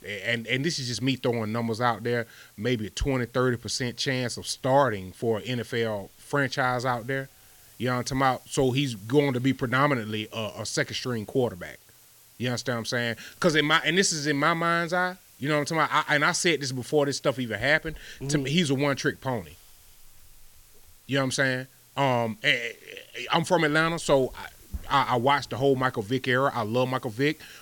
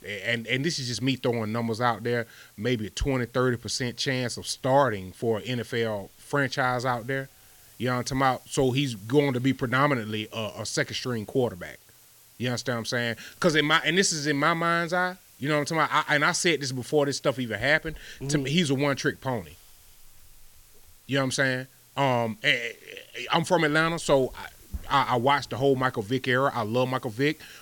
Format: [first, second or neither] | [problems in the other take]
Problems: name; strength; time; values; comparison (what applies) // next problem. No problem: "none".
neither | hiss; faint; throughout; 25 dB below the speech; the same in both